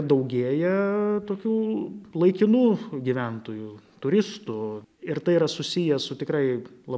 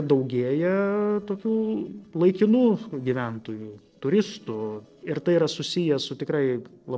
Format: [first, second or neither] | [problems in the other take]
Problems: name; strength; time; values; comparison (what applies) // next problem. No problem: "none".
first | noise reduction (neural separator model SepFormer DNS4)